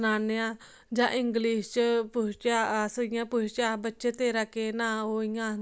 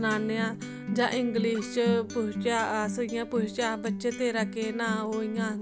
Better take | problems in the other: first | background sound (Acoustic guitar); 6 dB below the speech

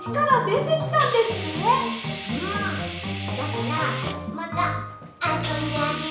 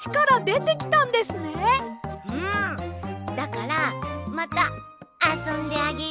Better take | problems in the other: second | background sound (Hiss); 13 dB below the speech // room echo; dies away in 0.6 s

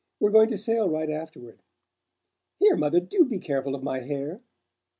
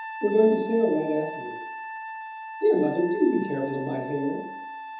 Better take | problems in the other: first | background sound (Trumpet); 12 dB below the speech // room echo; dies away in 1.3 s

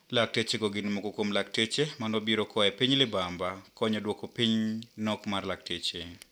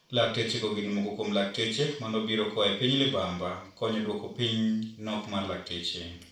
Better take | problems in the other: first | room echo; dies away in 0.4 s

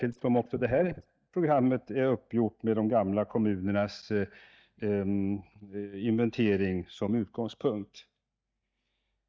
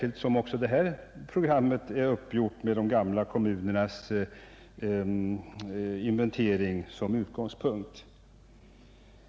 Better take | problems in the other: second | noise reduction (neural mask model DeepFilterNet 3)

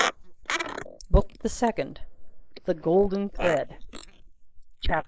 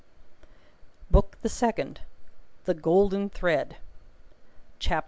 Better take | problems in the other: second | noise reduction (neural mask model Resemble Enhance denoiser)

